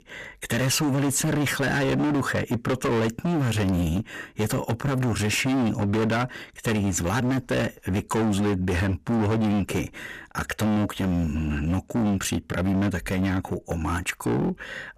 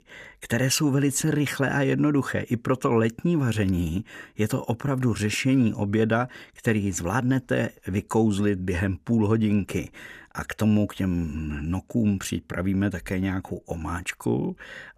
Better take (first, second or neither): second